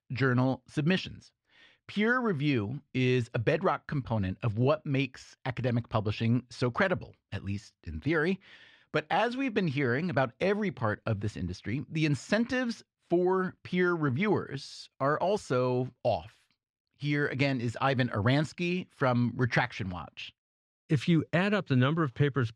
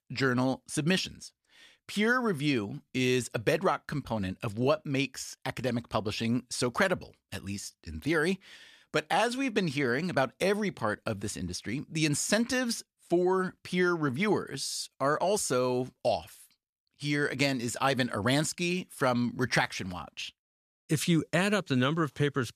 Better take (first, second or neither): second